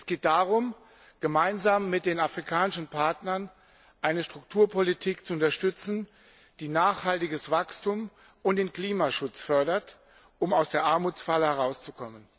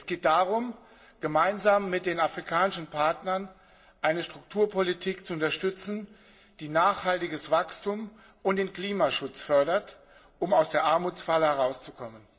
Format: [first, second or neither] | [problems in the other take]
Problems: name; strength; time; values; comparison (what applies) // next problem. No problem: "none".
first | room echo; dies away in 0.3 s